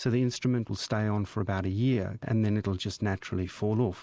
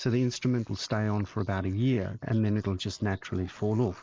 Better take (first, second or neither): first